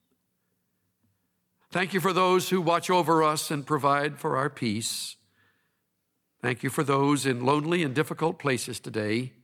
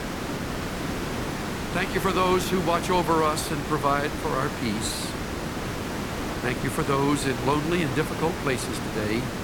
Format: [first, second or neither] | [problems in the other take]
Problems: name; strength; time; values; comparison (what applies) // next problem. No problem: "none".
first | hiss; loud; throughout; 4 dB below the speech